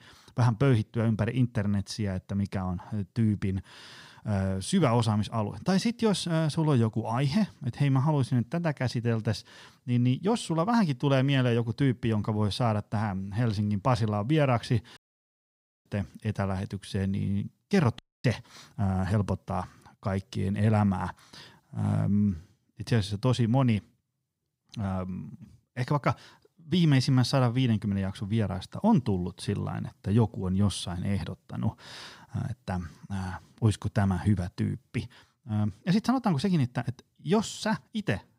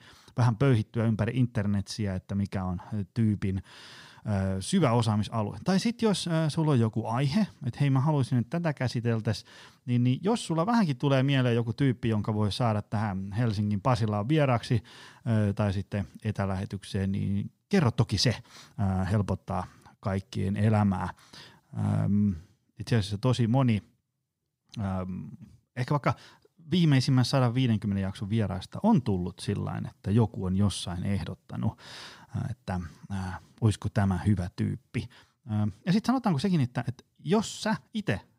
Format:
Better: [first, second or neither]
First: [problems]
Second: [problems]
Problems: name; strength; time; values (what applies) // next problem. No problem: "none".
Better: second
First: audio cutting out; at 15 s for 1 s and at 18 s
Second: none